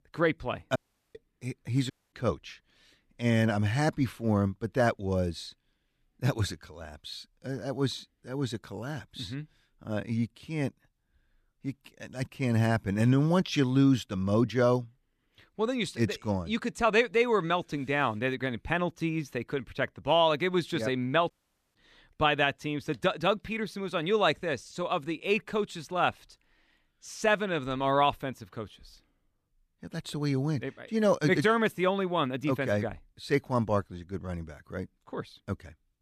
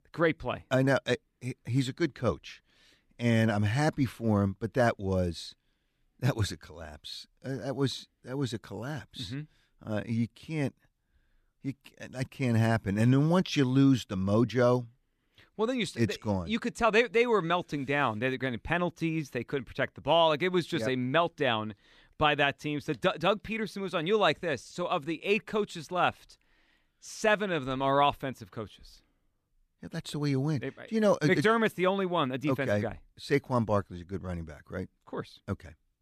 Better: second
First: audio cutting out; at 1 s, at 2 s and at 21 s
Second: none

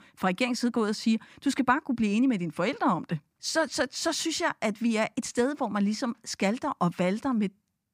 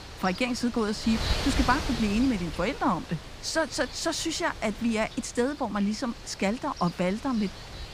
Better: first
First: none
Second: wind noise on the microphone; heavy; 9 dB below the speech

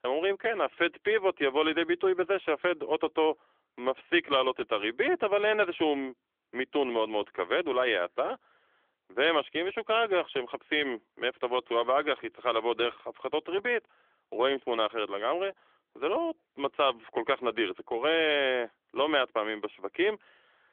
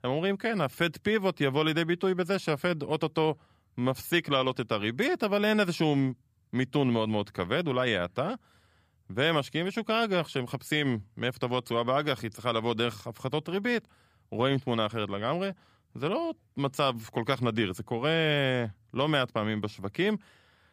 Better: second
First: phone-call audio; nothing above 3.5 kHz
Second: none

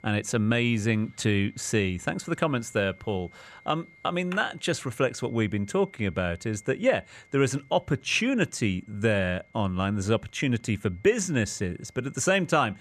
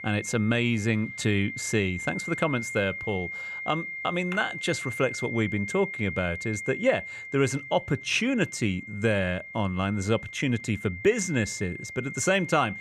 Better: first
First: high-pitched whine; faint; throughout; 2 kHz, 30 dB below the speech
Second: high-pitched whine; loud; throughout; 2 kHz, 8 dB below the speech

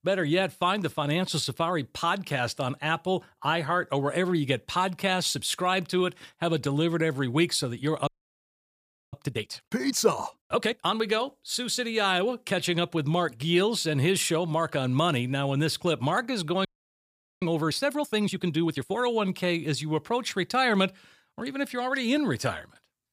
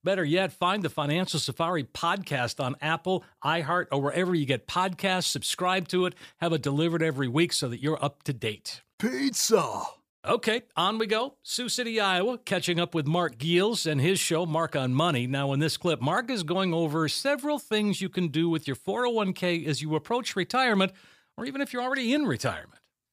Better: second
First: audio freezing; at 8 s for 1 s and at 17 s for 1 s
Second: none

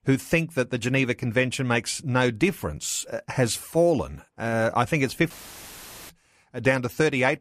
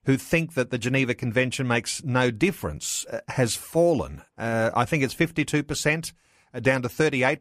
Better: second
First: audio cutting out; filled with static; at 5.5 s for 1 s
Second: none

